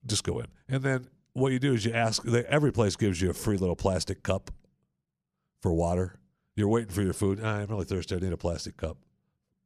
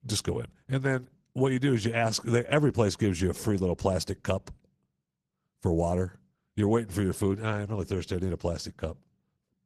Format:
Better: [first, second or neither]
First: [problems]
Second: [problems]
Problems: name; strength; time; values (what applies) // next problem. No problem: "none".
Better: first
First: none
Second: garbled, watery; slightly; nothing above 12 kHz